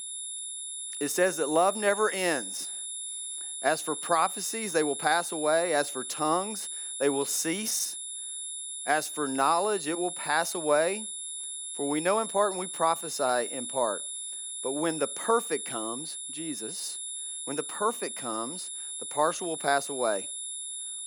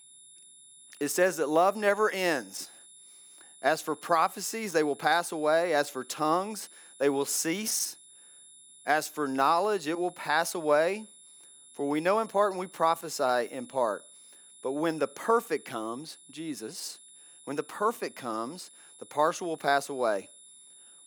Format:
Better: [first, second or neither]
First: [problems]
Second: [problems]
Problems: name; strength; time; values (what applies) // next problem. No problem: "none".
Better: second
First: high-pitched whine; loud; throughout; 10 kHz, 5 dB below the speech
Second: high-pitched whine; faint; throughout; 10 kHz, 20 dB below the speech